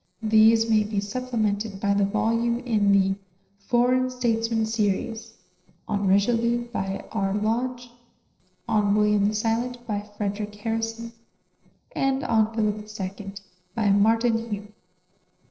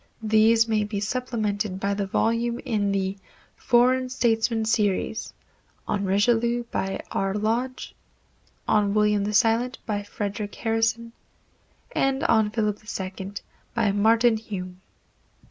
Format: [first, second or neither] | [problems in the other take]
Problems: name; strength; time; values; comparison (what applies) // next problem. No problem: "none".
second | noise reduction (neural separator model SepFormer DNS4)